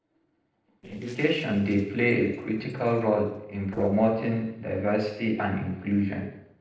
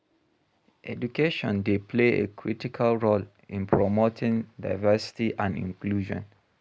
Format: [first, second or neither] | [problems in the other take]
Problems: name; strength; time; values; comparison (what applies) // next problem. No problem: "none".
second | noise reduction (neural separator model SepFormer DNS4)